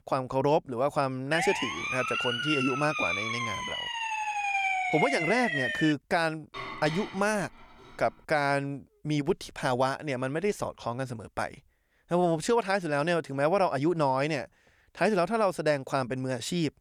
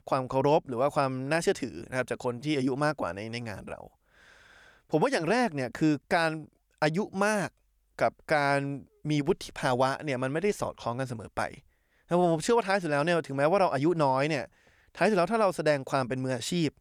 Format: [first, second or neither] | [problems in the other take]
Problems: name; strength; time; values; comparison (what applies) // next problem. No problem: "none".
second | siren; loud; from 1.5 to 6 s; peak 2 dB above the speech // clattering dishes; noticeable; from 6.5 to 8.5 s; peak 8 dB below the speech